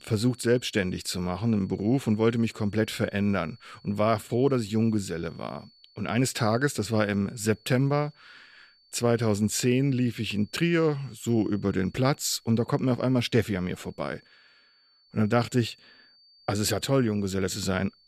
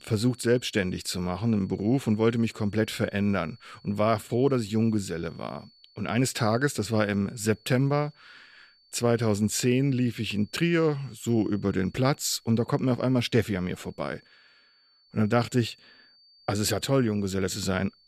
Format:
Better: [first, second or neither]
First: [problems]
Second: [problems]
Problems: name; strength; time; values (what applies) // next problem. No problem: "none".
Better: neither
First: high-pitched whine; faint; throughout; 4.5 kHz, 30 dB below the speech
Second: high-pitched whine; faint; throughout; 4.5 kHz, 30 dB below the speech